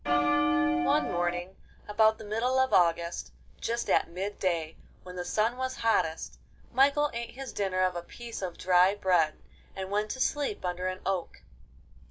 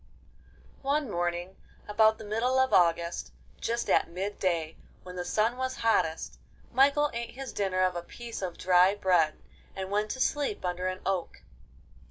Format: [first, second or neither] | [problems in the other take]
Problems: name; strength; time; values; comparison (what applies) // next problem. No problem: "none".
second | background sound (Bell); 2 dB above the speech